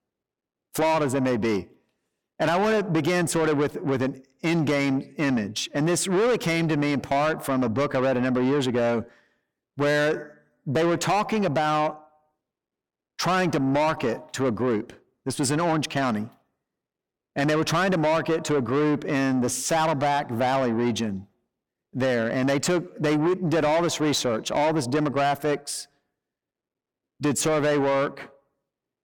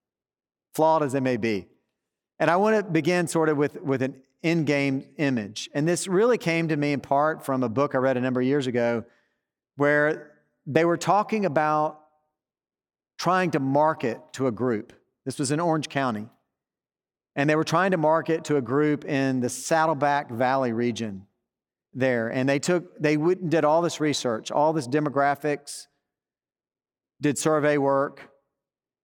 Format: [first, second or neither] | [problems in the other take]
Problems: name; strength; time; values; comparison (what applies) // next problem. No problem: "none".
second | distortion; heavy; 8 dB below the speech